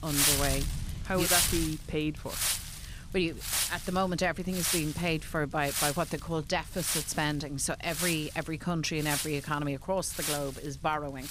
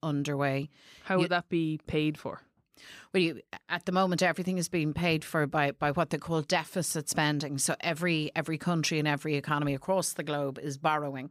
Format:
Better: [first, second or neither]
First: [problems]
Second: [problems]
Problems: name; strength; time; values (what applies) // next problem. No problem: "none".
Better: second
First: wind noise on the microphone; heavy; as loud as the speech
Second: none